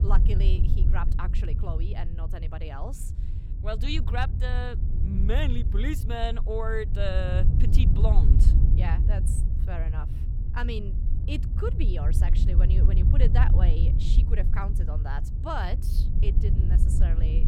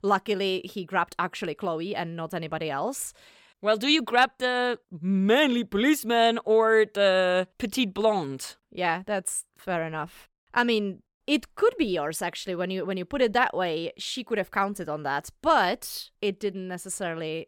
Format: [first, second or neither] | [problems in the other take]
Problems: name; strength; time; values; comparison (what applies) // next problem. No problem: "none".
second | low rumble; loud; throughout; 6 dB below the speech